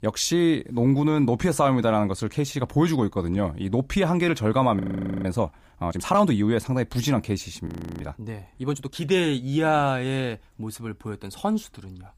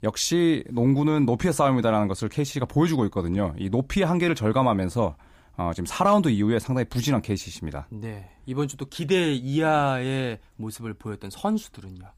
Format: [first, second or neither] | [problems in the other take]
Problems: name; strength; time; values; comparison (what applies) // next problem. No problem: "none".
second | audio freezing; at 5 s and at 7.5 s